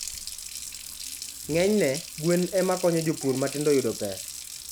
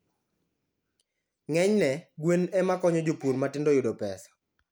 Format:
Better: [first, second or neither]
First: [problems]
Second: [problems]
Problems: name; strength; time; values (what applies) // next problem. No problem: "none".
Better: second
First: background sound (Water tap, faucet); 10 dB below the speech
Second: none